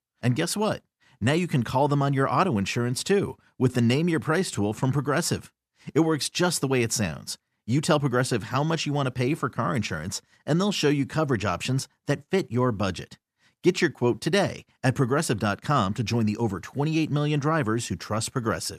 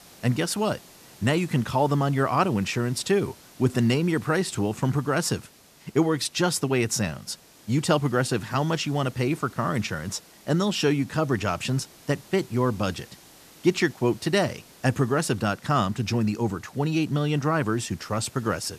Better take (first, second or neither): first